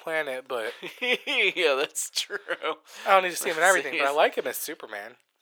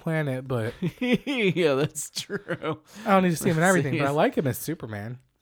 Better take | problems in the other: second | thin; very; fading below 500 Hz

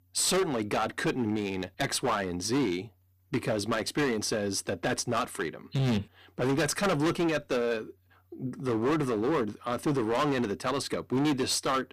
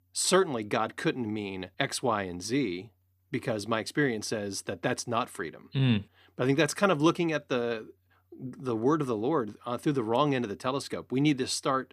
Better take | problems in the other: second | distortion; heavy; 15% of the sound clipped

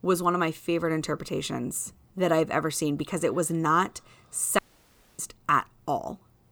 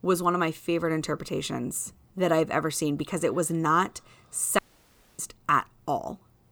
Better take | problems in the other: neither | audio cutting out; at 4.5 s for 0.5 s; the same in both

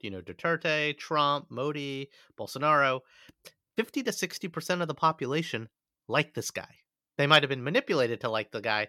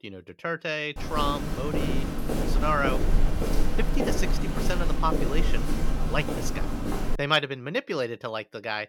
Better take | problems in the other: first | footsteps; loud; from 1 to 7 s; peak 3 dB above the speech

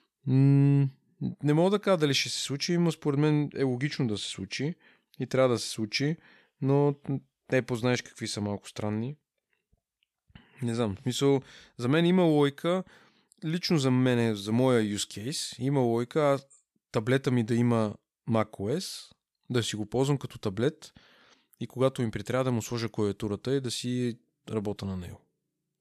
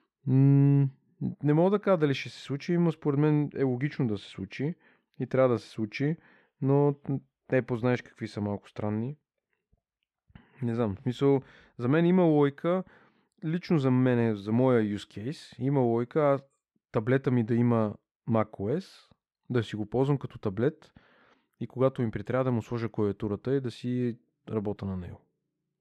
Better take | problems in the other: first | muffled; very; fading above 3.5 kHz

